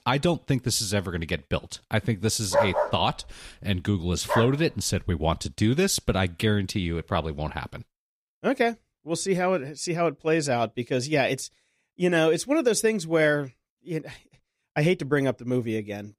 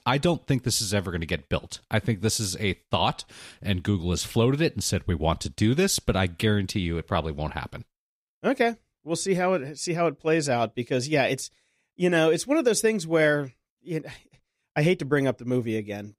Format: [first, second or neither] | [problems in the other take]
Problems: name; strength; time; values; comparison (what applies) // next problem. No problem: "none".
second | dog barking; loud; from 2.5 to 4.5 s; peak 2 dB above the speech